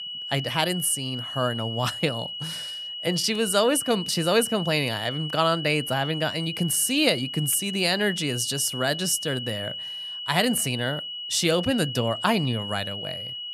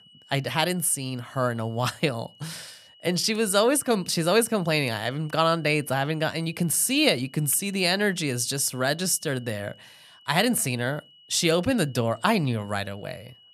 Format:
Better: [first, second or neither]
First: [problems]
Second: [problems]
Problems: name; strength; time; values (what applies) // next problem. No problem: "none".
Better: second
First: high-pitched whine; loud; throughout; 3 kHz, 7 dB below the speech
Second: high-pitched whine; faint; throughout; 3 kHz, 25 dB below the speech